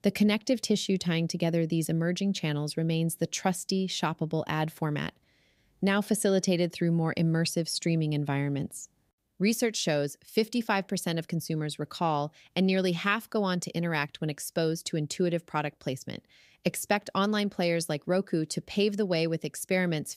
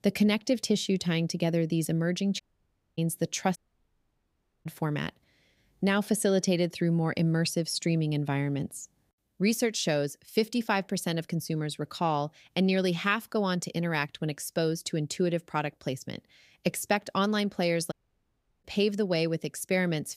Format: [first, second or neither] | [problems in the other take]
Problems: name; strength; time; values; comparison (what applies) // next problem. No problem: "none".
first | audio cutting out; at 2.5 s for 0.5 s, at 3.5 s for 1 s and at 18 s for 0.5 s